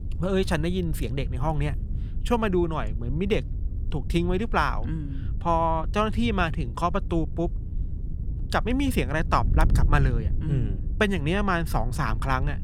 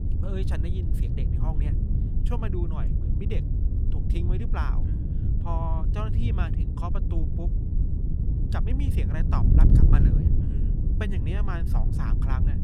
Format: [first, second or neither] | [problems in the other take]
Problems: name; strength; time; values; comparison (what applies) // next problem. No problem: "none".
first | wind noise on the microphone; heavy; 1 dB below the speech; occasional gusts in the first